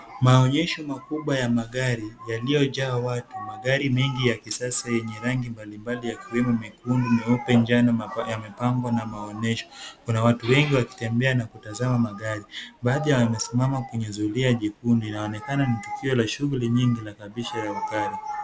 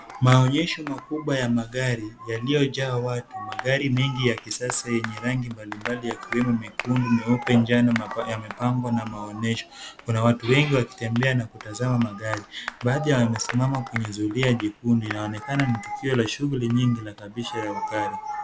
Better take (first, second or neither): first